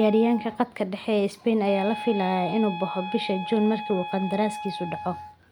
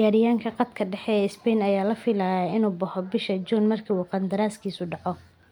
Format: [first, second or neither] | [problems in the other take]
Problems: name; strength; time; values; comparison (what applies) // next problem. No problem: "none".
second | background sound (Wind instrument, woodwind instrument); 11 dB below the speech